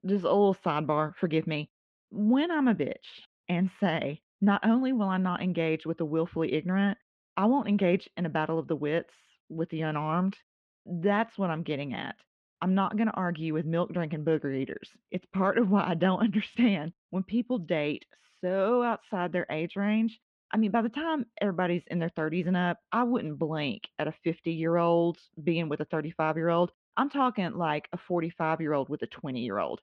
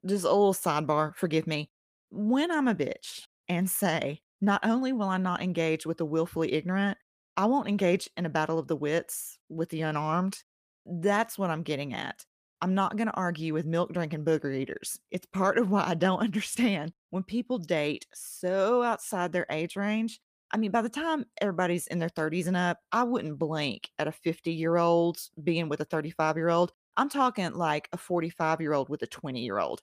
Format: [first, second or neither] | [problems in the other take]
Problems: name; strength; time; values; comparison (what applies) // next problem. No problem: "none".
second | muffled; slightly; fading above 3 kHz